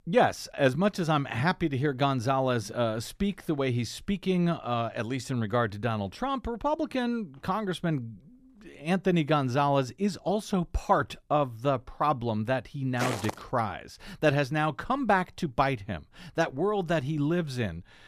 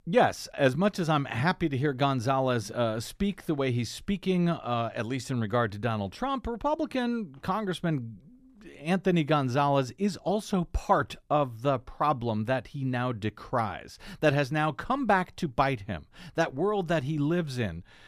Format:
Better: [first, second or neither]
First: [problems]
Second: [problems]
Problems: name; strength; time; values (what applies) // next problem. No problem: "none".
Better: second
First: footsteps; noticeable; at 13 s; peak 4 dB below the speech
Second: none